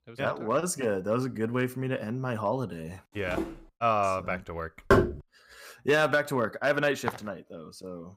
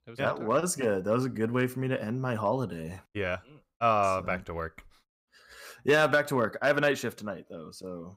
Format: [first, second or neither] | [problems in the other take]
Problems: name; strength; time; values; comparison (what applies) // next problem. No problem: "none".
second | footsteps; noticeable; at 3.5 s and at 7 s; peak 7 dB below the speech // door banging; loud; at 5 s; peak 6 dB above the speech